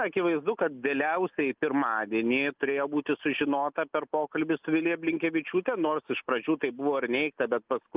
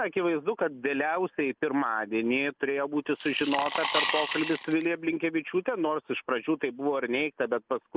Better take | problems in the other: first | background sound (Coin (dropping) / Glass); 4 dB below the speech

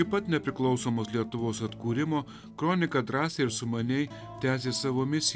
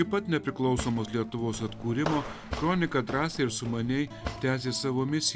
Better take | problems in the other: first | background sound (Cutlery, silverware / Drawer open or close + Walk, footsteps); 11 dB below the speech

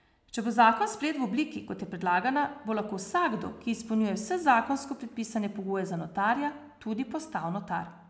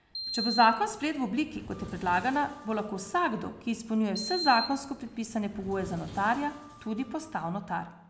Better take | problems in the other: first | background sound (Sliding door); 11 dB below the speech

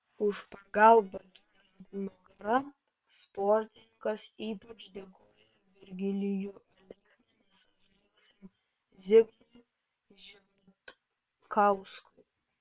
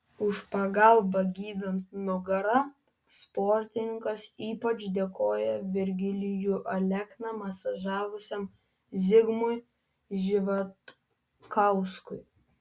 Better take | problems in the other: second | noise reduction (neural separator model SepFormer WHAM!)

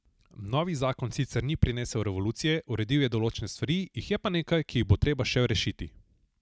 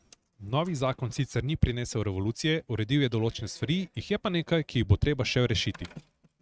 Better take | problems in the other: first | noise reduction (neural mask model RNNoise)

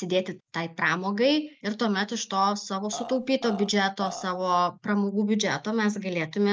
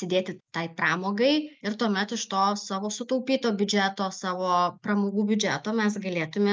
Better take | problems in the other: second | background sound (Burping, eructation); 12 dB below the speech

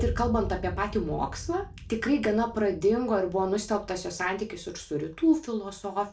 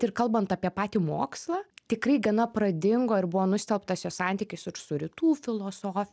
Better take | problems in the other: second | background sound (Boom); 11 dB below the speech // room echo; dies away in 0.3 s

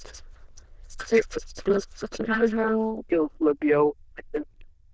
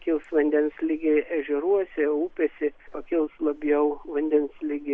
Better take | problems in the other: second | noise reduction (neural diffusion model UNIVERSE++)

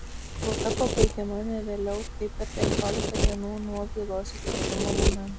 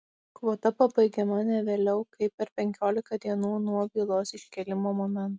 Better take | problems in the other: second | background sound (Domestic sounds, home sounds); 3 dB above the speech

